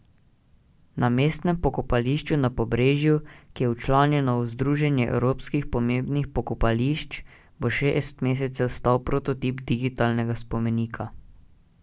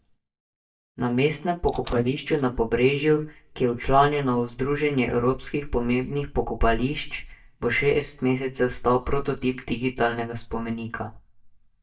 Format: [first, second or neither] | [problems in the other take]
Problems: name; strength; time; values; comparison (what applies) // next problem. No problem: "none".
first | noise reduction (neural mask model DeepFilterNet 3)